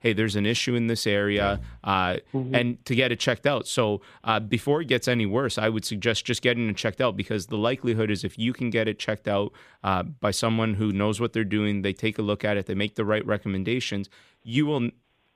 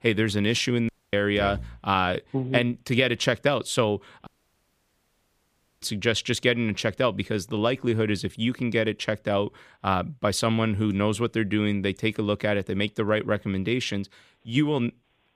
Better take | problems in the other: first | audio cutting out; at 1 s and at 4.5 s for 1.5 s

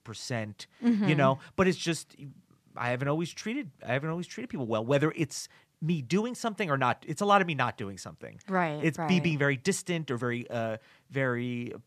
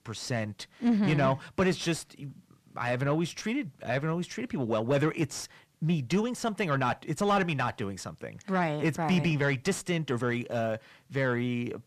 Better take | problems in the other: first | distortion; slight; 10 dB below the speech

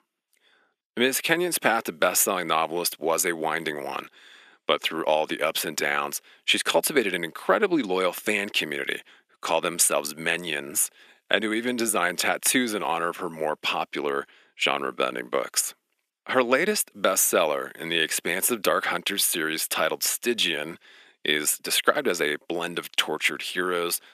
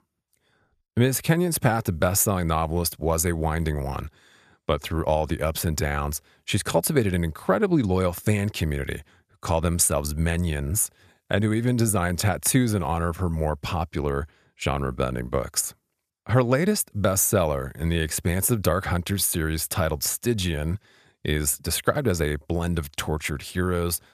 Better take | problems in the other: second | thin; somewhat; fading below 250 Hz

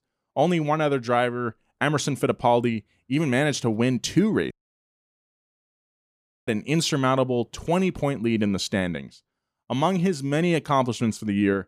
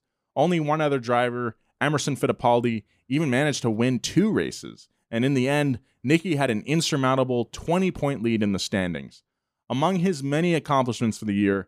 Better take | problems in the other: second | audio cutting out; at 4.5 s for 2 s

